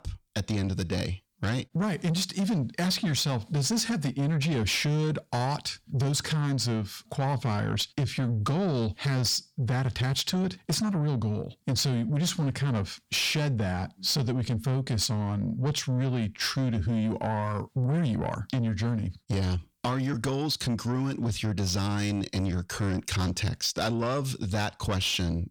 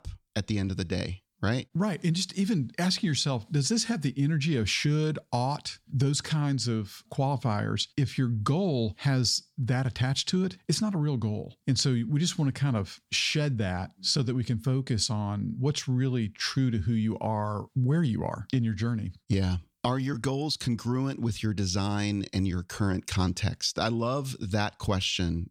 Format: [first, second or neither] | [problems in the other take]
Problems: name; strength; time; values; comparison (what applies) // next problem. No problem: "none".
second | distortion; slight; 10 dB below the speech